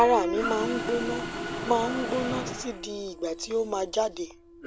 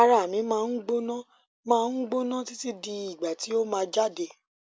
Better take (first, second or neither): second